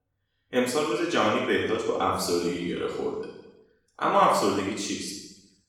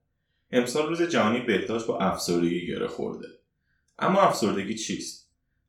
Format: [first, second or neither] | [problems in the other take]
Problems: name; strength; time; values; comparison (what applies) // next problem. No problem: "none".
second | room echo; strong; dies away in 0.9 s; slight in the second // off-mic speech; far; far in the second